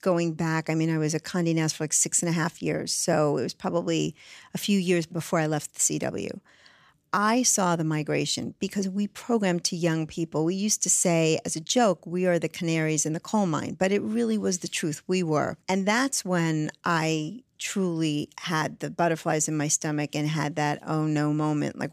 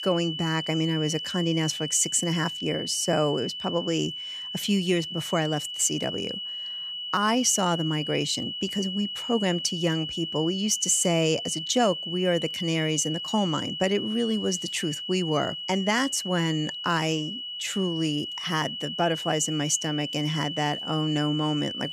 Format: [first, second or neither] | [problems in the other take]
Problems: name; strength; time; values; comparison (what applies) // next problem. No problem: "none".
first | high-pitched whine; loud; throughout; 3 kHz, 5 dB below the speech